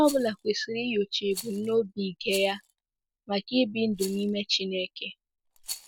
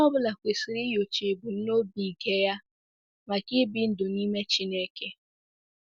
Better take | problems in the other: second | background sound (Rattle); 17 dB below the speech

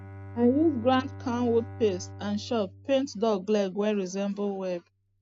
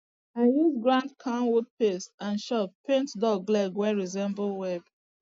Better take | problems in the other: second | background sound (Bowed string instrument); 16 dB below the speech

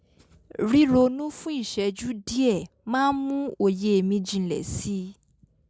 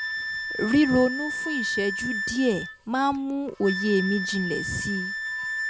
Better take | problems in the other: first | background sound (Wind instrument, woodwind instrument); 5 dB below the speech

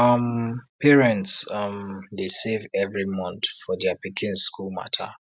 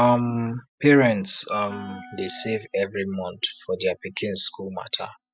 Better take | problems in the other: first | noise reduction (classical method spectral subtraction)

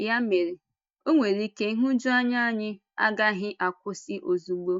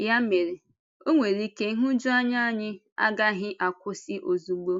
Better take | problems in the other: second | noise reduction (neural mask model DeepFilterNet 3)

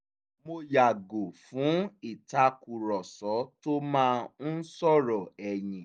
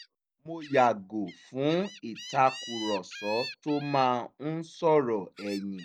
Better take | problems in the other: first | background sound (Gull, seagull); 16 dB below the speech

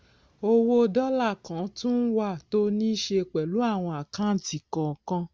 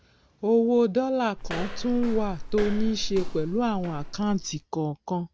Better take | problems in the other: first | background sound (Walk, footsteps); 5 dB below the speech

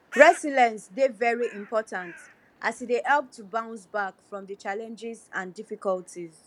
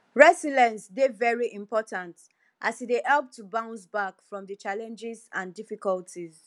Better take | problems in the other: second | background sound (Bird); 19 dB below the speech

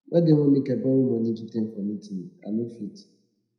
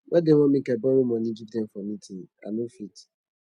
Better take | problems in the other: second | room echo; dies away in 0.8 s

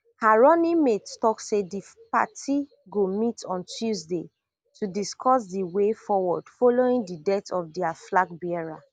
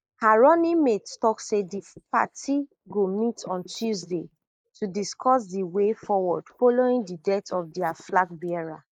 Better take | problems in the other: first | noise reduction (neural mask model Resemble Enhance denoiser)

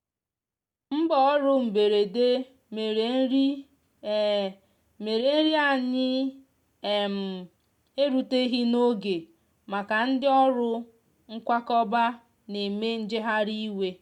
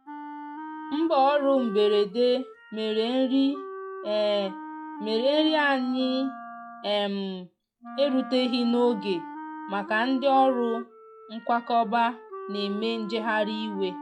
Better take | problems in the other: first | noise reduction (classical method log-MMSE)

